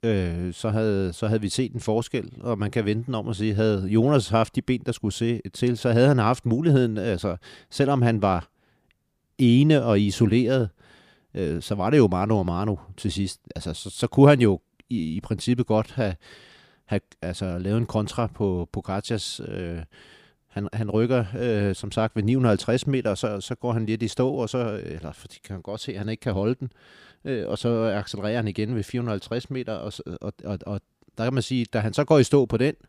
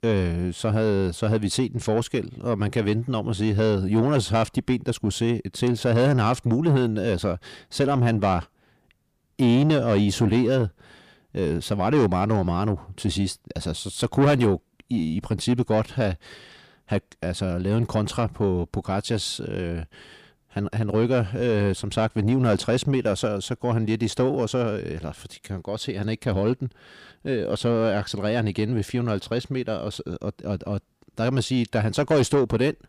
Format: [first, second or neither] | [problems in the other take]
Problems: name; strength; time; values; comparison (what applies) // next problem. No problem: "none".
first | distortion; slight; 10 dB below the speech